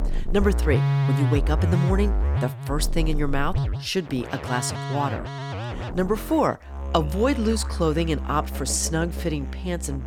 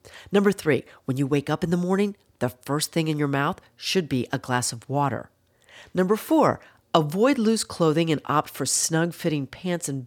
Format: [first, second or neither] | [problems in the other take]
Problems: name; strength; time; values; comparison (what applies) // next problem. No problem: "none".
second | background music; loud; throughout; 2 dB below the speech